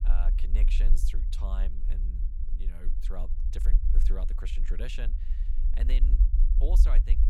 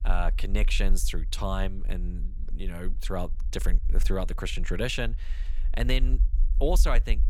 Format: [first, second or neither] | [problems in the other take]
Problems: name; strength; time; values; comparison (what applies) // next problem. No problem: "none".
second | low rumble; loud; throughout; 7 dB below the speech; faint in the second